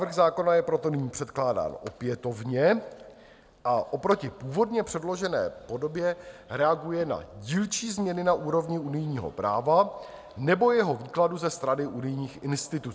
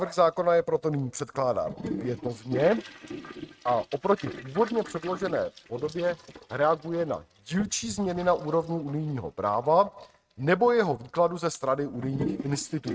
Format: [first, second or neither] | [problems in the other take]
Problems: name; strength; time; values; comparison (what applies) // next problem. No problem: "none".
first | noise reduction (neural mask model RNNoise)